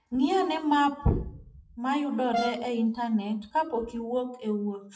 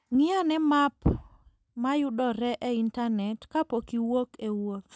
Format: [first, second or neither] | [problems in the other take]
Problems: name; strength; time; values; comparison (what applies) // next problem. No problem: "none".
second | noise reduction (classical method WPE with log-MMSE)